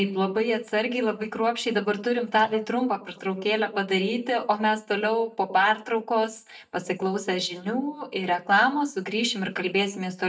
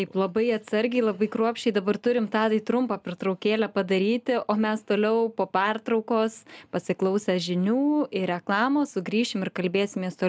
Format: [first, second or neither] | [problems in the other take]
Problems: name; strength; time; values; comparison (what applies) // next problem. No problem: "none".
second | noise reduction (neural mask model DeepFilterNet 3)